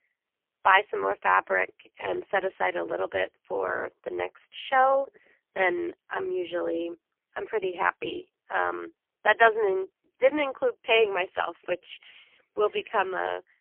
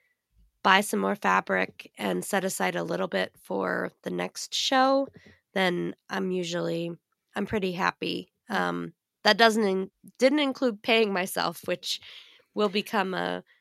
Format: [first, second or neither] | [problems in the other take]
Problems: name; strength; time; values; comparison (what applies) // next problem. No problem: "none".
second | phone-call audio; poor line; nothing above 3 kHz